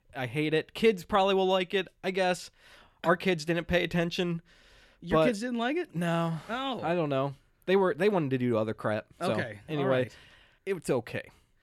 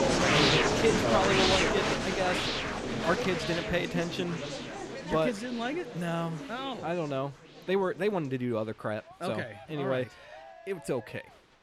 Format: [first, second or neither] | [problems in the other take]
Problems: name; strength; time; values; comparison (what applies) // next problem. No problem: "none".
first | crowd noise; very loud; throughout; 4 dB above the speech